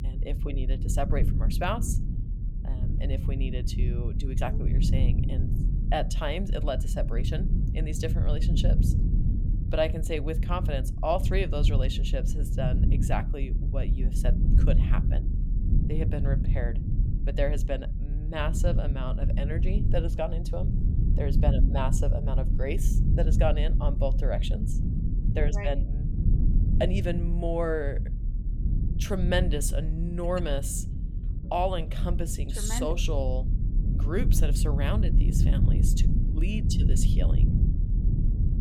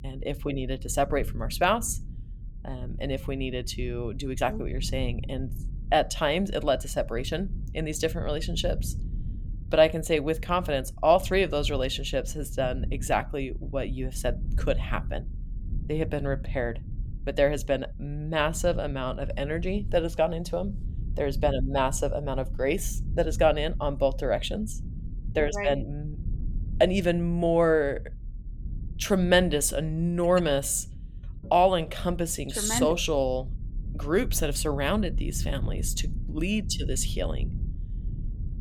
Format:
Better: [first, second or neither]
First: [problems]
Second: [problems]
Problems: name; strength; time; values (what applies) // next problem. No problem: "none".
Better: second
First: low rumble; loud; throughout; 8 dB below the speech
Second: low rumble; faint; throughout; 25 dB below the speech